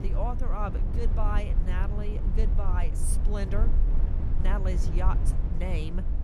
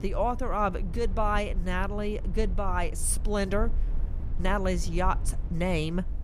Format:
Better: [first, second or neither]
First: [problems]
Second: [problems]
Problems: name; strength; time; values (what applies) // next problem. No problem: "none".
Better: second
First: low rumble; loud; throughout; 7 dB below the speech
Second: low rumble; faint; throughout; 20 dB below the speech